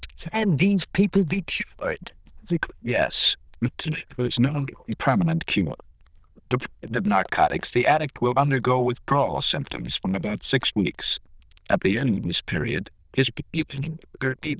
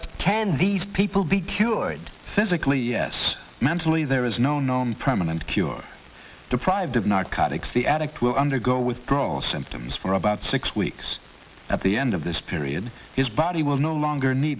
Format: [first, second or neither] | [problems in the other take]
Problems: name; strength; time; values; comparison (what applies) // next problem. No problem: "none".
second | noise reduction (neural diffusion model UNIVERSE++)